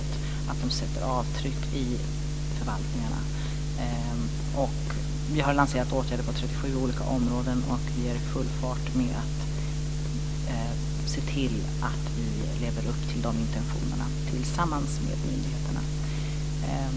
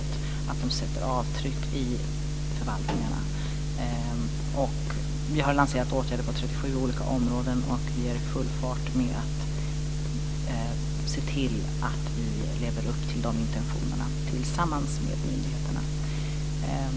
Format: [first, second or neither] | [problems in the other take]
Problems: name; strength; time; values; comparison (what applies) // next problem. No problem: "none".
first | background sound (Snare drum); 13 dB below the speech